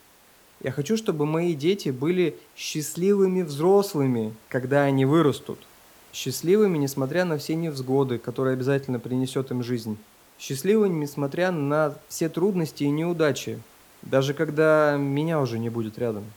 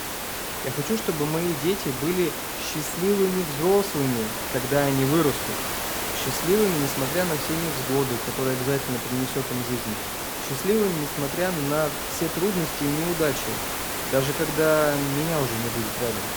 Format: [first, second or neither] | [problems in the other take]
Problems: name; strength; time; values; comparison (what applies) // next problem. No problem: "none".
first | hiss; loud; throughout; 2 dB below the speech; faint in the first